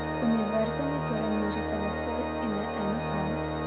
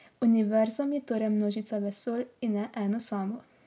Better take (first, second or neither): second